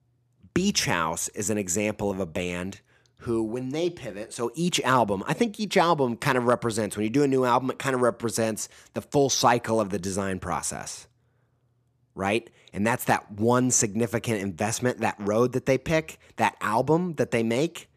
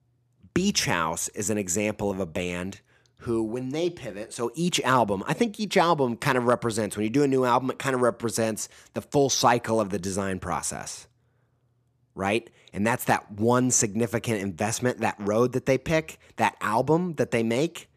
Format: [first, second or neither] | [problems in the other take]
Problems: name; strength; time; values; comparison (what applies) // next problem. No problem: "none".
neither | none